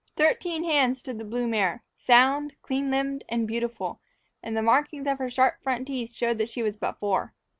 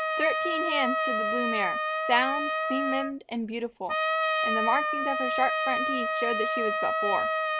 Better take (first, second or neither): first